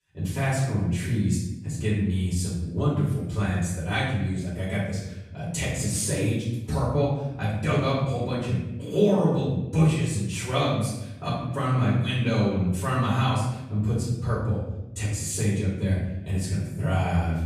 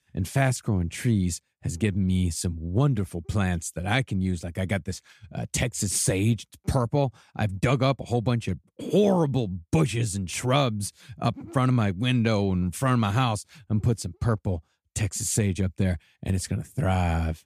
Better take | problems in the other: second | off-mic speech; far // room echo; noticeable; dies away in 0.8 s

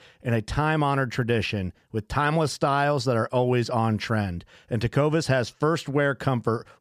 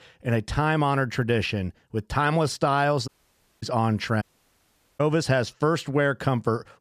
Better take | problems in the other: first | audio cutting out; at 3 s for 0.5 s and at 4 s for 1 s

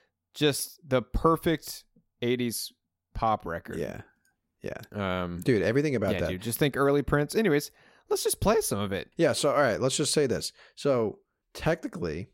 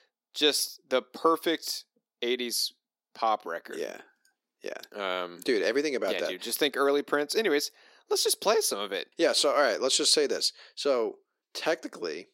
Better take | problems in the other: first | thin; somewhat; fading below 300 Hz

